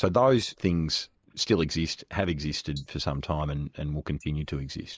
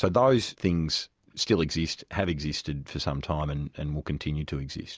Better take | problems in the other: second | noise reduction (neural mask model Resemble Enhance denoiser)

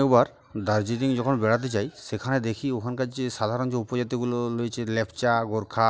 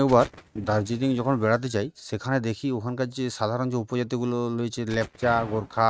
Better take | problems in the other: first | noise reduction (neural mask model RNNoise)

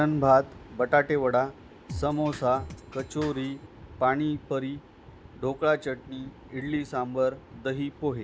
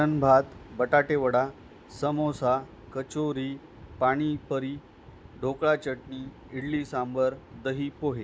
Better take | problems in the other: second | background sound (Drum kit); 13 dB below the speech

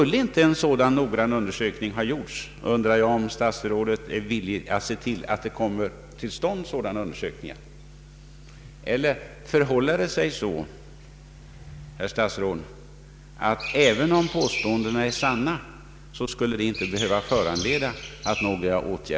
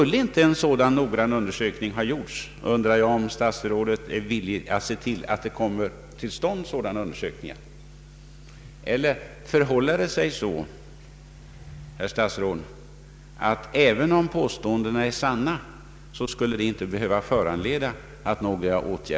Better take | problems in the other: second | background sound (Chirp, tweet); 9 dB below the speech

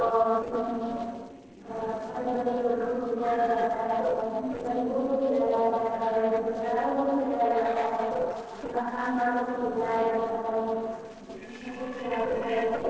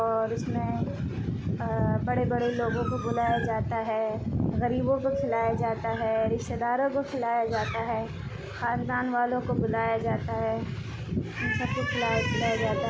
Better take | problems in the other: second | noise reduction (neural separator model SepFormer DNS4)

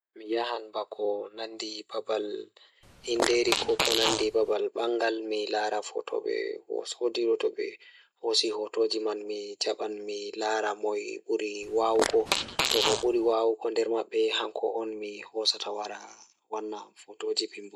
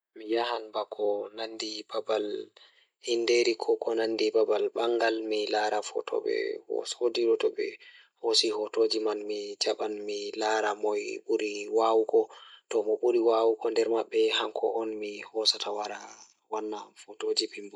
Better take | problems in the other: second | background sound (Fart); as loud as the speech

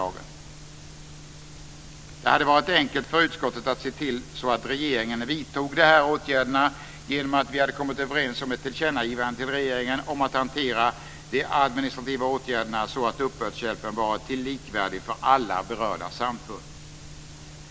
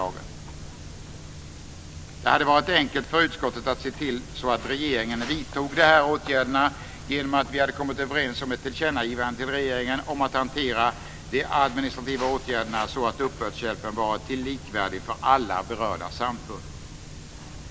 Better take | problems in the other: first | background sound (Walk, footsteps); 15 dB below the speech

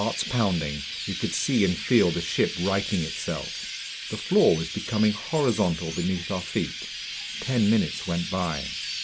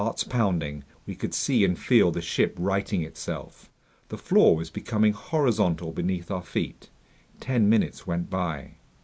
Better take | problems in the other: second | background sound (Chirp, tweet); 8 dB below the speech

